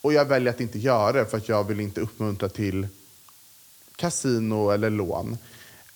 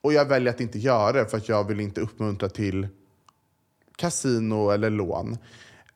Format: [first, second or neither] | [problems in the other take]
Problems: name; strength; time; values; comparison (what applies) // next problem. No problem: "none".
second | hiss; faint; throughout; 25 dB below the speech